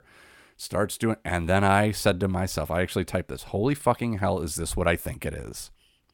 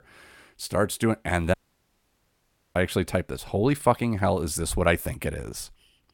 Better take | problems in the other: first | audio cutting out; at 1.5 s for 1 s

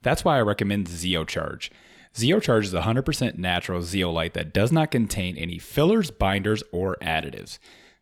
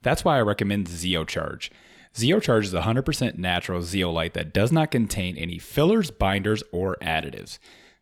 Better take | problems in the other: neither | none

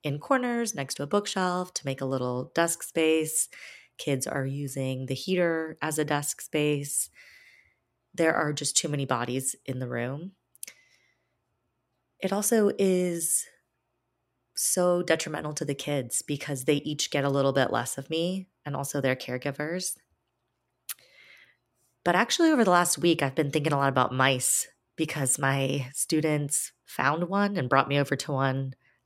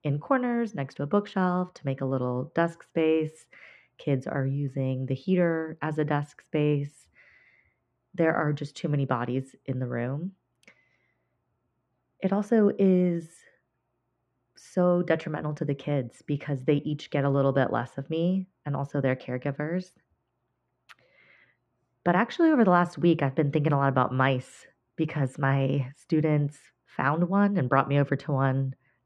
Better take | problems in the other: first | muffled; very; fading above 2 kHz

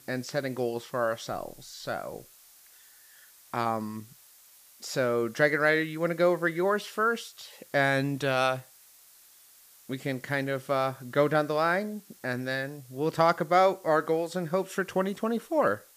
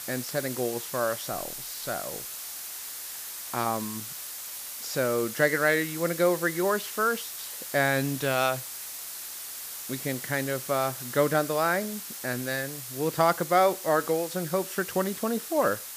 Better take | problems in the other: first | hiss; loud; throughout; 8 dB below the speech; faint in the first

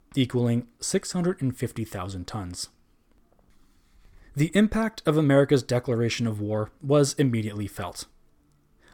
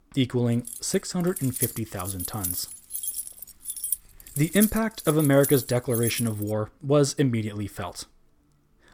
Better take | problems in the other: first | jangling keys; noticeable; from 0.5 to 6.5 s; peak 2 dB below the speech

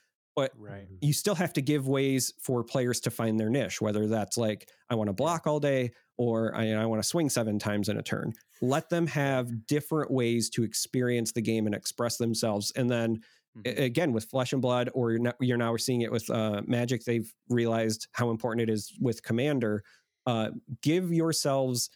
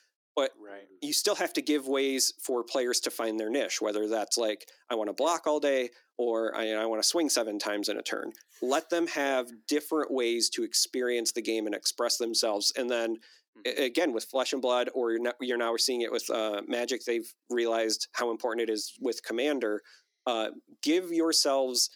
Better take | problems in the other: first | thin; somewhat; fading below 300 Hz

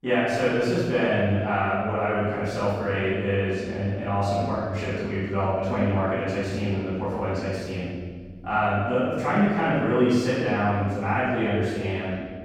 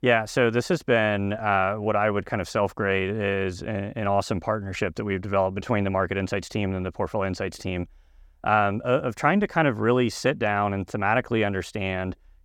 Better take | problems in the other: second | off-mic speech; far // room echo; strong; dies away in 1.5 s

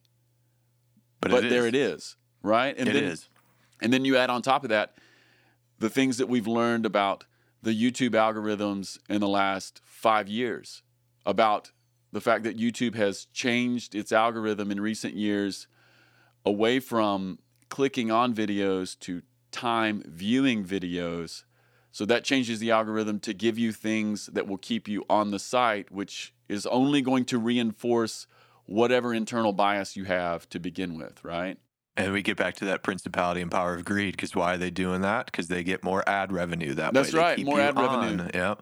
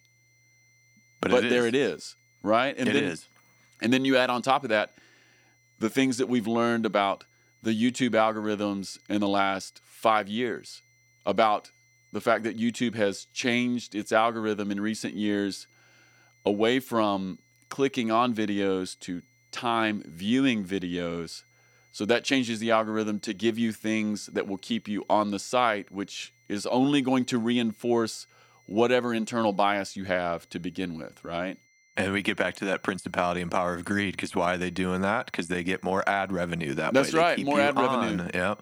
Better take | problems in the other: first | high-pitched whine; faint; throughout; 2 kHz, 35 dB below the speech

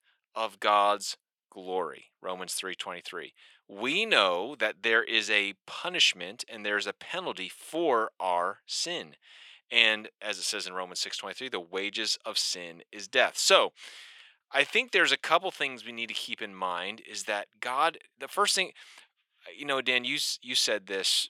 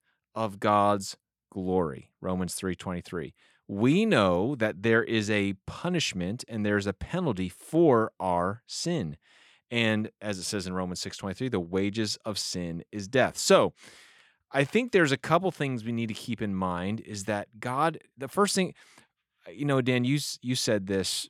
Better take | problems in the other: second | thin; very; fading below 550 Hz

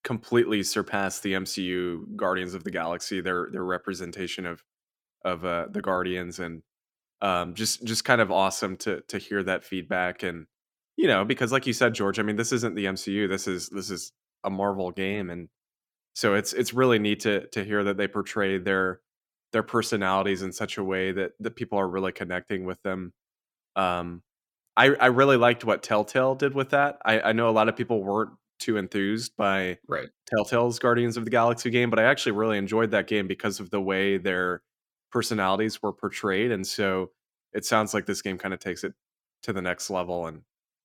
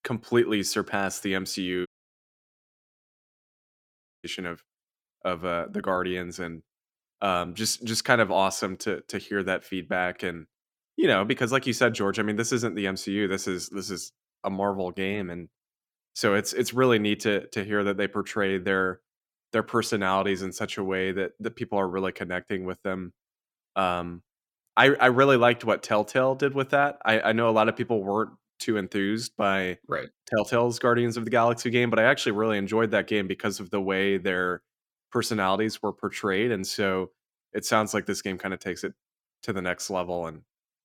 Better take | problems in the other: first | audio cutting out; at 2 s for 2.5 s

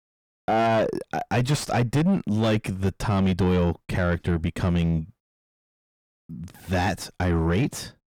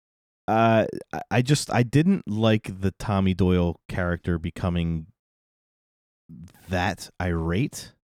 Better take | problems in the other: second | distortion; heavy; 7 dB below the speech

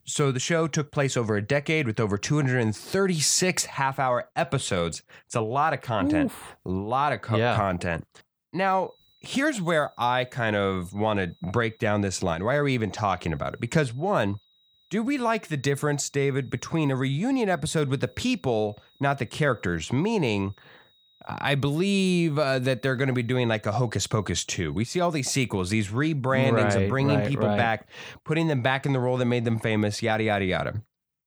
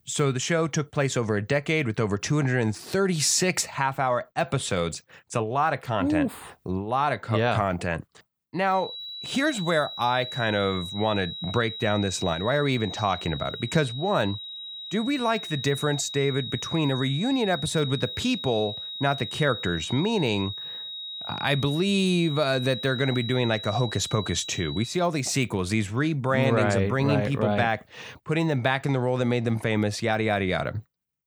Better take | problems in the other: first | high-pitched whine; loud; from 9 to 25 s; 4 kHz, 8 dB below the speech; faint in the first

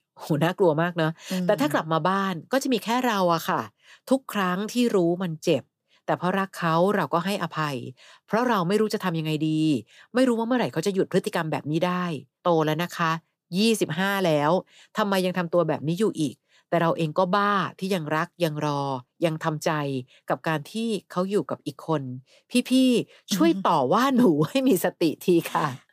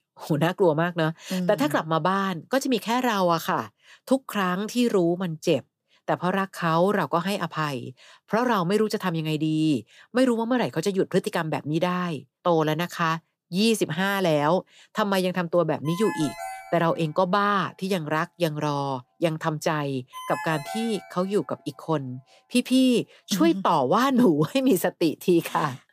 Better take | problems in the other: first | phone ringing; noticeable; from 16 to 21 s; peak 9 dB below the speech

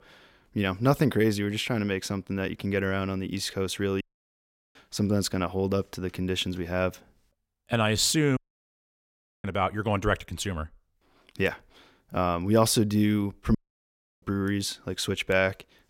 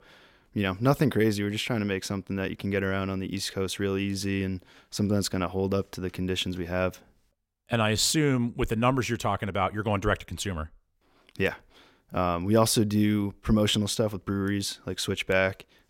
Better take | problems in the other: second | audio cutting out; at 4 s for 0.5 s, at 8.5 s for 1 s and at 14 s for 0.5 s

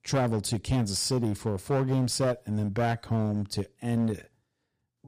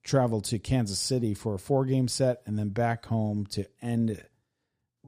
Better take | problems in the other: second | distortion; slight; 10% of the sound clipped

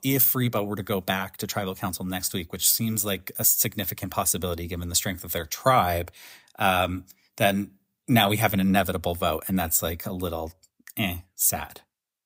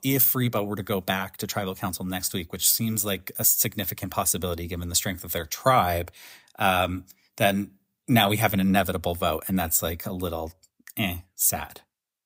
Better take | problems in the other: neither | none

